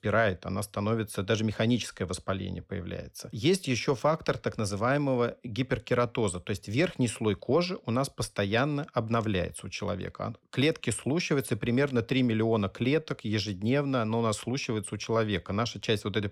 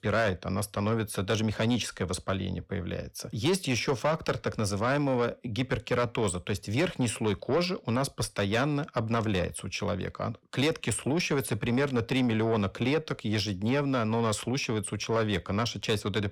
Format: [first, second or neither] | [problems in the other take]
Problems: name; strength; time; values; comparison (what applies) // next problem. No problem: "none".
first | distortion; slight; 10 dB below the speech